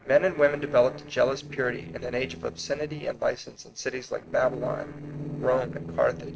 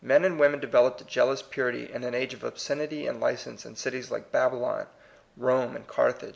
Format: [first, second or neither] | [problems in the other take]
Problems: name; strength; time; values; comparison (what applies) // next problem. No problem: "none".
second | noise reduction (neural separator model SepFormer DNS4)